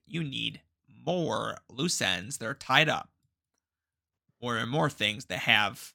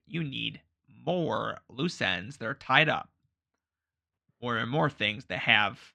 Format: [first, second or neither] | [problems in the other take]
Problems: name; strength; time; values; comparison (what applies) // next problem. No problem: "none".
first | muffled; slightly; fading above 2.5 kHz